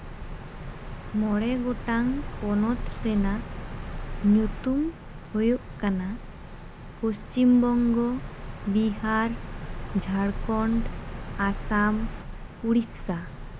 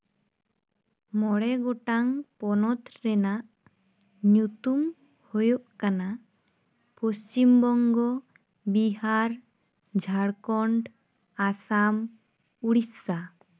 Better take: second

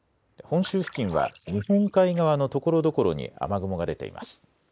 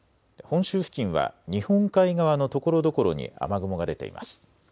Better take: second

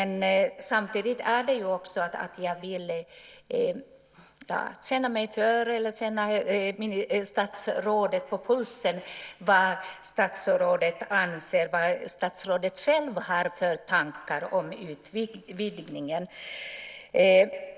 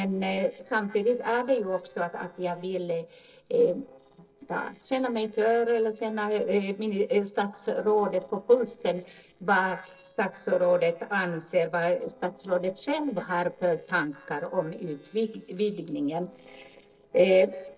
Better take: first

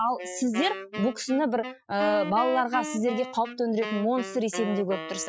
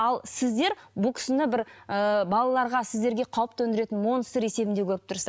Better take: second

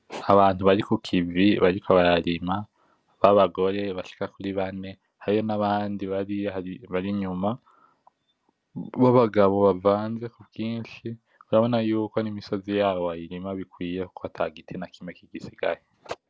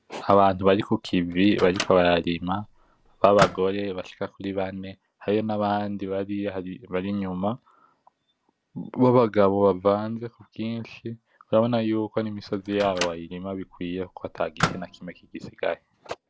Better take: first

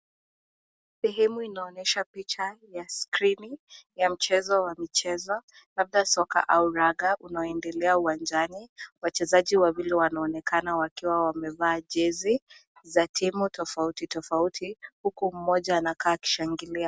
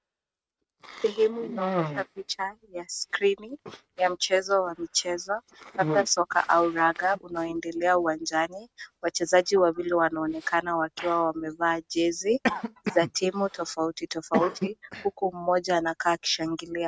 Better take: first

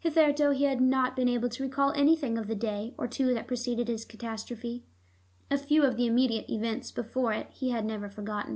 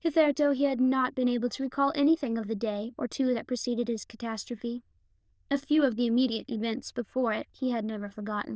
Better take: first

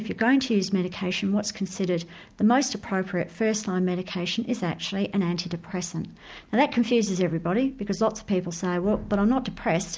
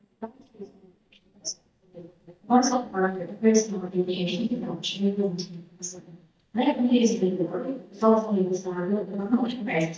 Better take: first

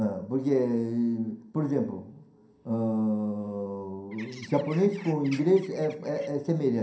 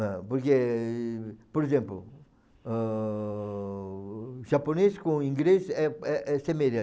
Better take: second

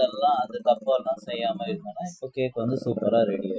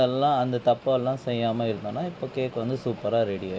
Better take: second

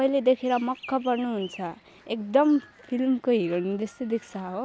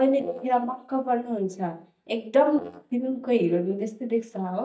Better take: first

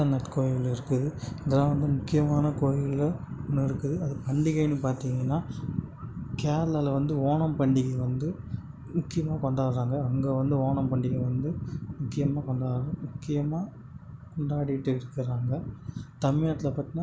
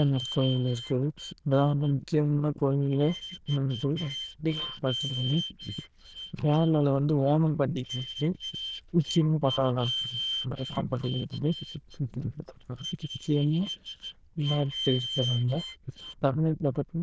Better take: first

